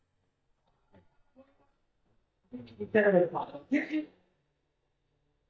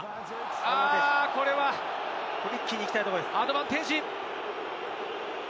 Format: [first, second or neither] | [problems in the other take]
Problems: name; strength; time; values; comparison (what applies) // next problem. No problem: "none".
second | noise reduction (neural mask model DeepFilterNet 3)